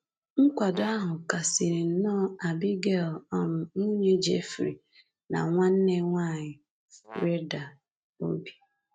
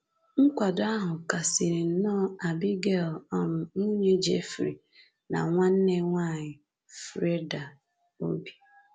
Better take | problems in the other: second | noise reduction (neural mask model RNNoise)

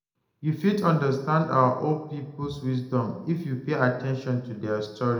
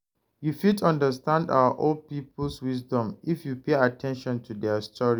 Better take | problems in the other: second | room echo; dies away in 0.7 s

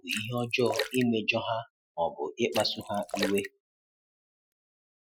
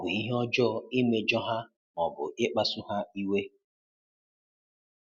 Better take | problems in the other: second | noise reduction (classical method Wiener filter)

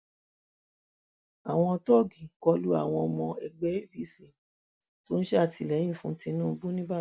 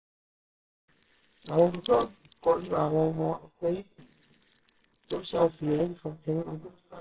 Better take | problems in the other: first | noise reduction (neural separator model SepFormer WHAMR!)

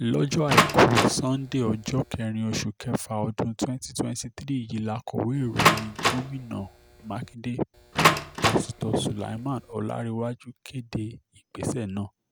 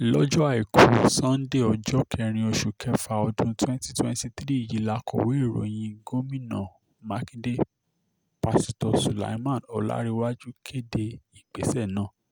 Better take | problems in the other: second | background sound (Door); 1 dB above the speech

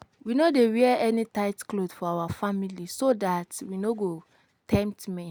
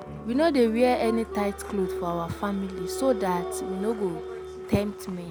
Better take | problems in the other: first | background sound (Applause); 8 dB below the speech

